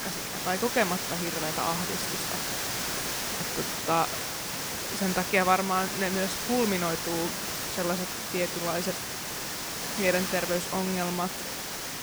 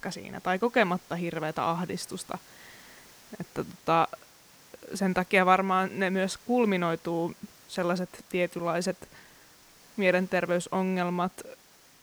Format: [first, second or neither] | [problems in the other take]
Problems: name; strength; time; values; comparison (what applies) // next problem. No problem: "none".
second | hiss; loud; throughout; 1 dB below the speech; faint in the second